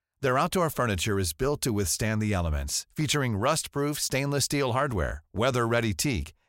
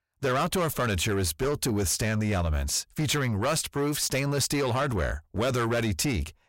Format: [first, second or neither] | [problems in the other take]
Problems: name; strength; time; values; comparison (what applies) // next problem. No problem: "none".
first | distortion; slight; 10 dB below the speech